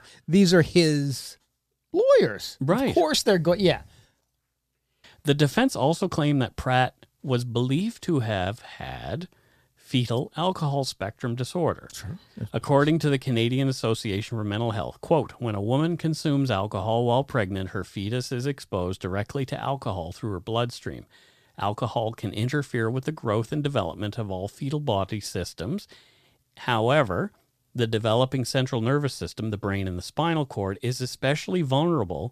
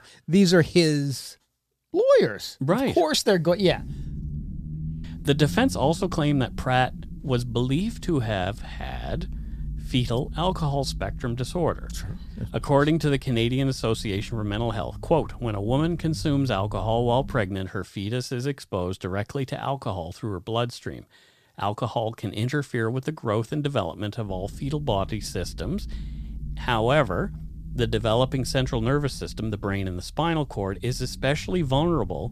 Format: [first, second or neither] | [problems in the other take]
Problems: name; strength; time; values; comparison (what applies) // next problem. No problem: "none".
first | low rumble; faint; from 3.5 to 17 s and from 24 s on; 25 dB below the speech